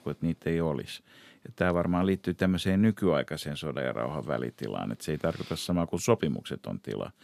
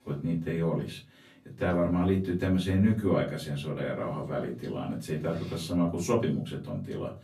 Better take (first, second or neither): first